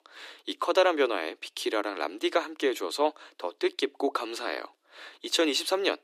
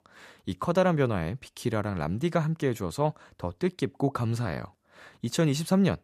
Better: second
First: thin; very; fading below 300 Hz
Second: none

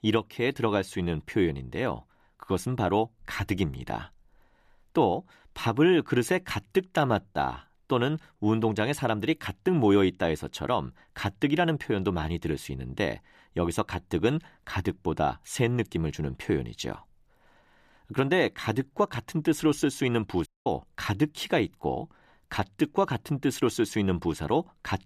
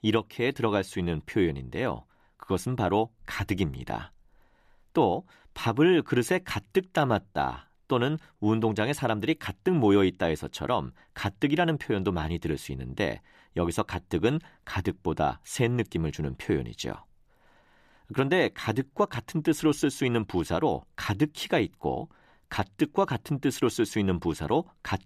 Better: second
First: audio cutting out; at 20 s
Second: none

